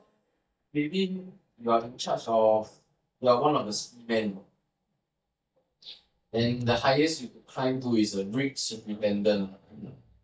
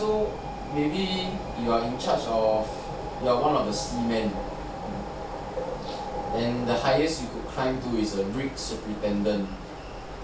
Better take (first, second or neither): second